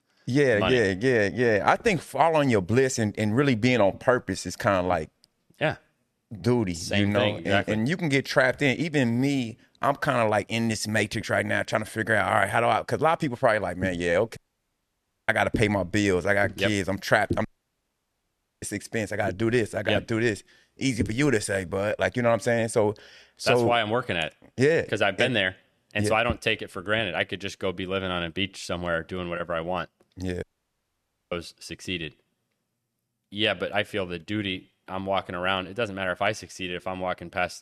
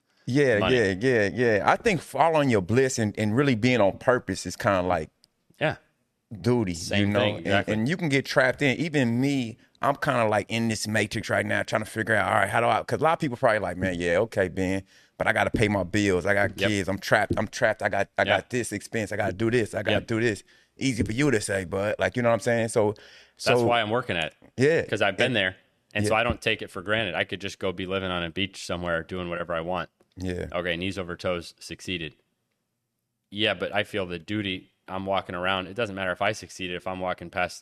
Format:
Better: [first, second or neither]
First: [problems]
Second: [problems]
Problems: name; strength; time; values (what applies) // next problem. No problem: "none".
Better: second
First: audio cutting out; at 14 s for 1 s, at 17 s for 1 s and at 30 s for 1 s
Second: none